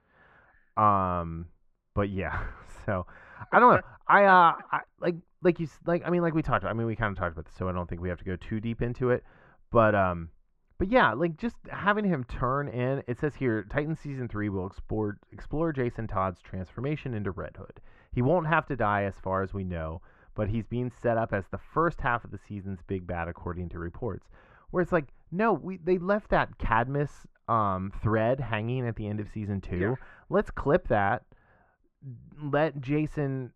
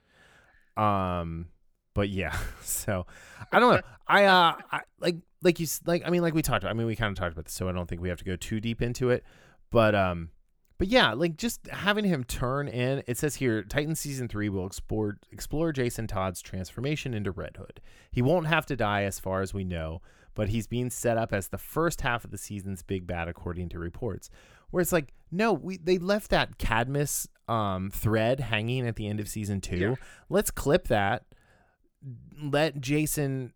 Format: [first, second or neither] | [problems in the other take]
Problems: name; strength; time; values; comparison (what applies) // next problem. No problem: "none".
second | muffled; very; fading above 1.5 kHz